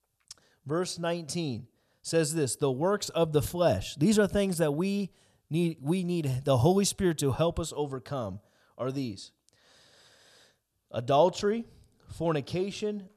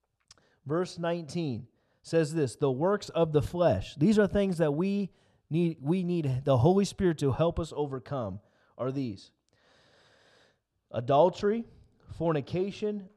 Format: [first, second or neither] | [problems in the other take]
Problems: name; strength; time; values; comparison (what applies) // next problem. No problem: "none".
first | muffled; slightly; fading above 2 kHz